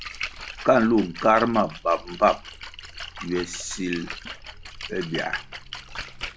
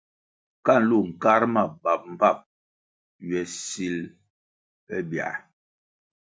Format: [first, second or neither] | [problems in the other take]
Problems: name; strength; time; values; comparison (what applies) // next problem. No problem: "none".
second | background sound (Splash, splatter); 12 dB below the speech